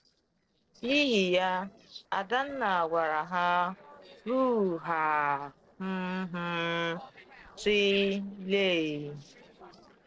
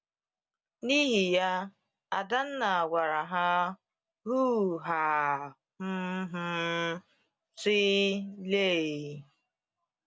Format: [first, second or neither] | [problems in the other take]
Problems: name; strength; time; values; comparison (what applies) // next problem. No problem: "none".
second | noise reduction (neural separator model SepFormer DNS4)